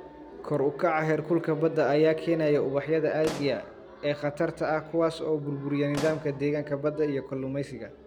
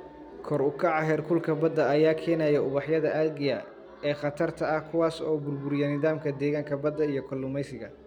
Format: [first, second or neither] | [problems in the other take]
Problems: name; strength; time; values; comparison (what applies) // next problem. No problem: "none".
second | background sound (Explosion); 16 dB below the speech